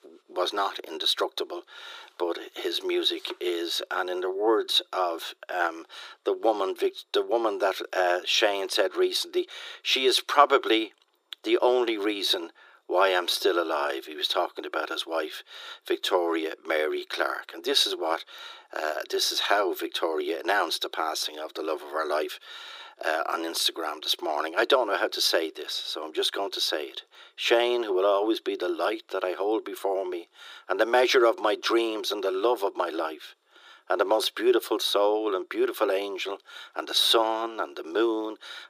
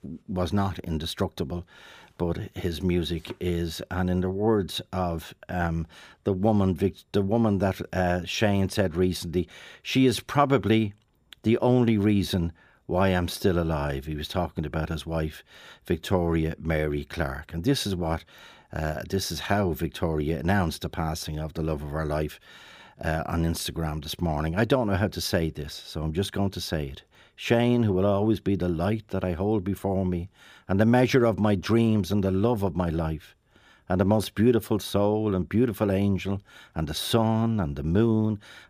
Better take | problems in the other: second | thin; very; fading below 350 Hz

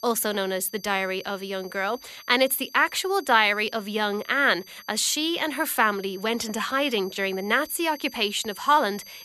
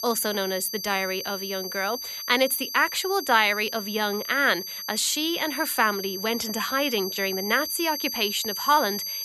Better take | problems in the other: first | high-pitched whine; loud; throughout; 4.5 kHz, 6 dB below the speech; faint in the first

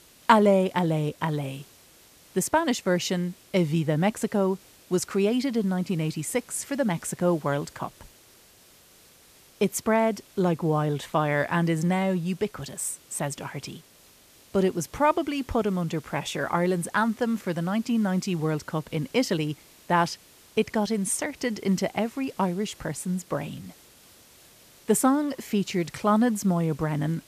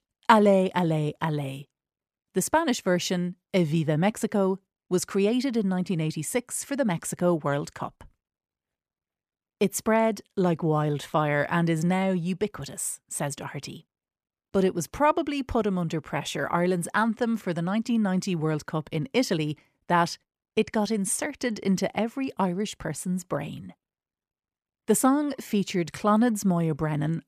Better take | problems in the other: second | hiss; faint; throughout; 25 dB below the speech

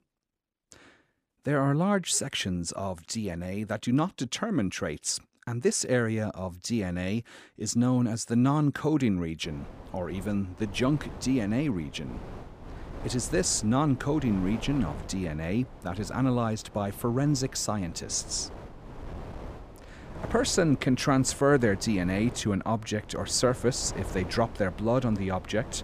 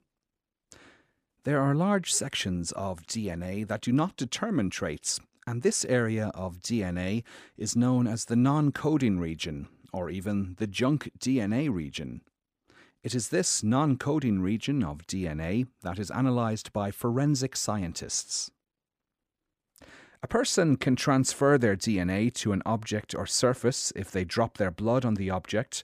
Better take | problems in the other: second | wind noise on the microphone; occasional gusts; from 9.5 s on; 15 dB below the speech

